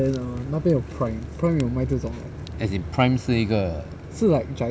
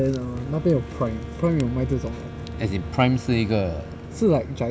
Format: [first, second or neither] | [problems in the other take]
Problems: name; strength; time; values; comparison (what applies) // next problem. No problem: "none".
first | background sound (Wind instrument, woodwind instrument); 18 dB below the speech